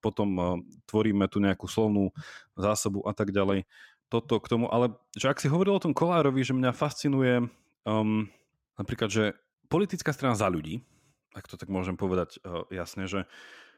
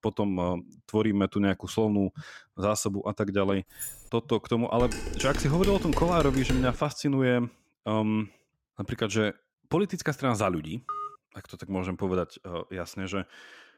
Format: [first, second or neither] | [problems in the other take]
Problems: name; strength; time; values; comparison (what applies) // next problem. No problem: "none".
first | jangling keys; noticeable; at 4 s; peak 9 dB below the speech // clattering dishes; noticeable; from 5 to 7 s; peak 5 dB below the speech // phone ringing; noticeable; at 11 s; peak 8 dB below the speech